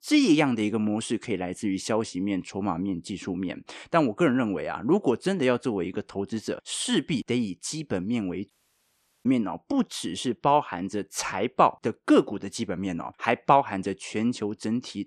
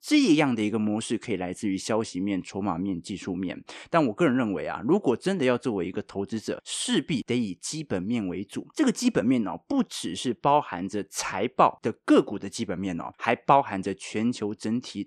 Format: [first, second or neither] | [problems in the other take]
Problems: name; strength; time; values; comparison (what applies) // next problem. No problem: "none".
second | audio cutting out; at 8.5 s for 1 s